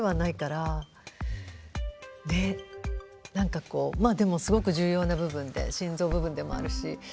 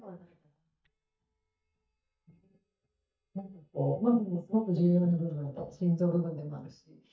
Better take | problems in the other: first | noise reduction (neural mask model DeepFilterNet 3)

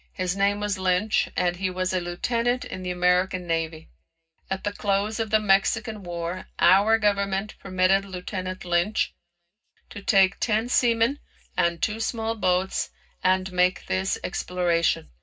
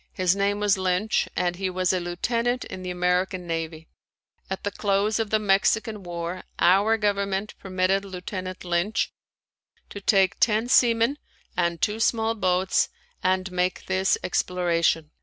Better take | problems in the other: second | room echo; dies away in 0.4 s

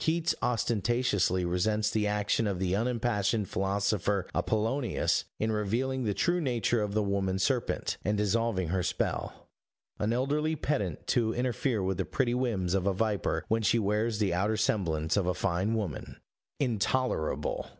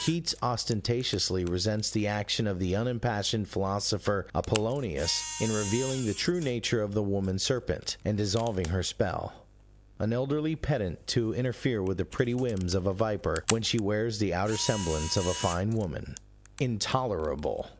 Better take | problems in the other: first | background sound (Camera); 14 dB below the speech

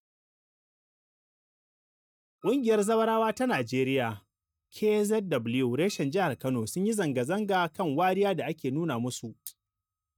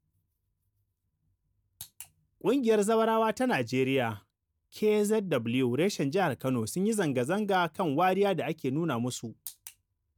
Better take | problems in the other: second | noise reduction (neural mask model DeepFilterNet 3)

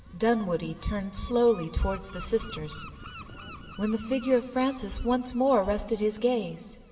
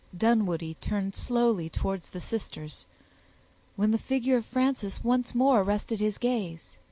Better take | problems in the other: second | background sound (Gull, seagull); 18 dB below the speech // room echo; dies away in 2.1 s

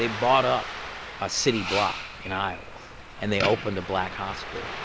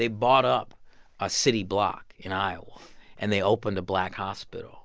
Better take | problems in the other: second | background sound (Ocean + Fireworks); 7 dB below the speech

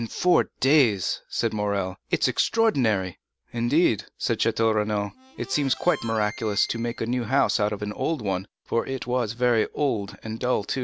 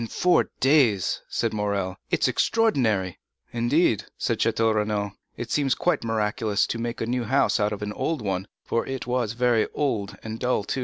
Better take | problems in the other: second | background sound (Harmonica); 20 dB below the speech

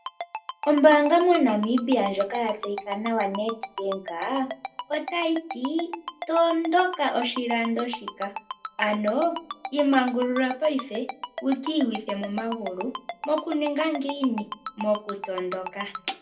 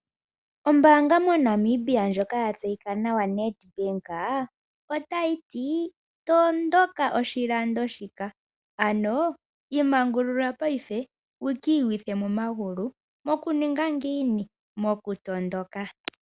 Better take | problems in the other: second | background sound (Ringtone); 12 dB below the speech // room echo; dies away in 0.2 s

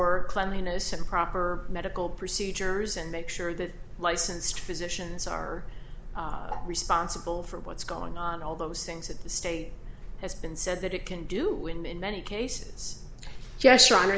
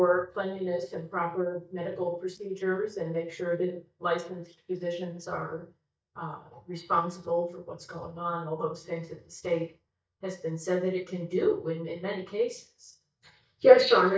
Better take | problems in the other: first | noise reduction (neural mask model DeepFilterNet 3)

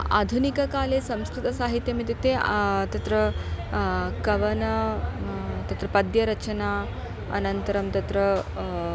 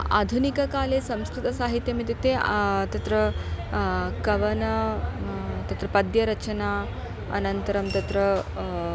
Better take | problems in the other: first | background sound (Coin (dropping) / Glass); 18 dB below the speech

